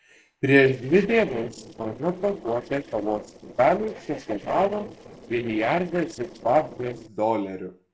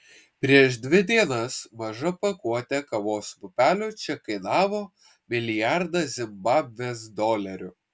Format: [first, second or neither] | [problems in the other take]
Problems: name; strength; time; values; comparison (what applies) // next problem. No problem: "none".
second | noise reduction (neural separator model SepFormer DNS4)